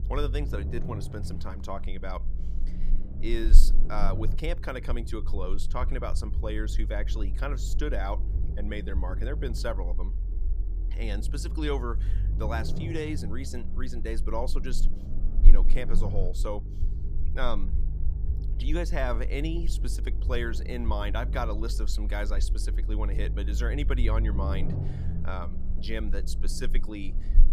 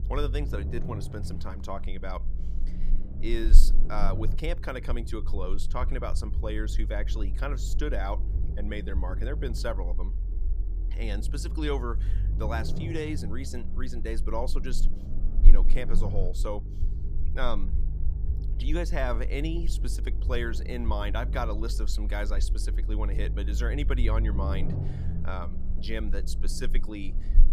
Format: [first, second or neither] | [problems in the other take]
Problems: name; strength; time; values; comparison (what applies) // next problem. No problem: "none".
neither | low rumble; noticeable; throughout; 10 dB below the speech; the same in both